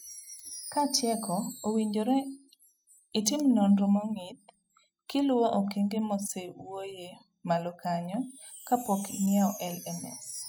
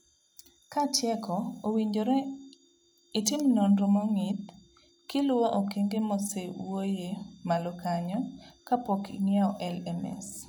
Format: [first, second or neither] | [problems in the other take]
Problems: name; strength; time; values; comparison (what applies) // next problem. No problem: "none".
second | noise reduction (classical method spectral subtraction)